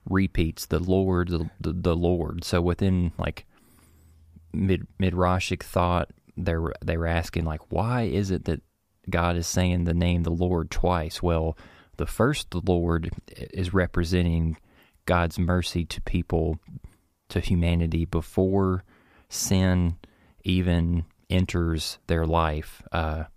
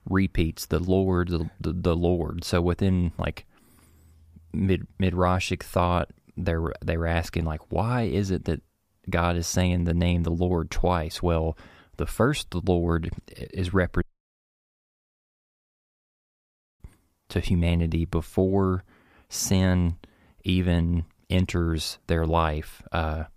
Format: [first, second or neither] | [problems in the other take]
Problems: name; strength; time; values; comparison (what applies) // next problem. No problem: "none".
first | audio cutting out; at 14 s for 3 s